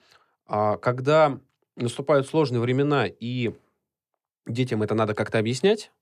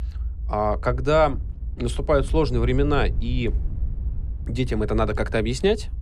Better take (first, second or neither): first